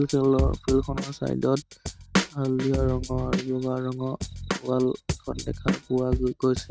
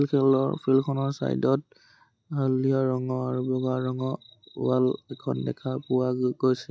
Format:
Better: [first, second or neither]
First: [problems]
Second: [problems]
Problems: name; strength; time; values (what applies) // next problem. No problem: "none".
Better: second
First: noise reduction (neural mask model RNNoise)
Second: none